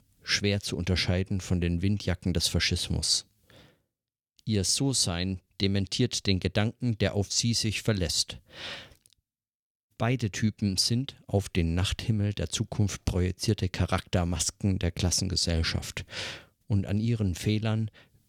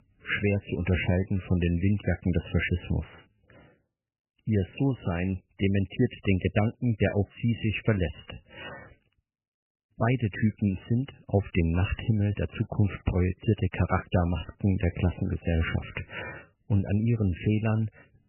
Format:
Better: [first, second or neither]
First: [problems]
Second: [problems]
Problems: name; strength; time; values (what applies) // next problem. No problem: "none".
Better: first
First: none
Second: garbled, watery; badly; nothing above 3 kHz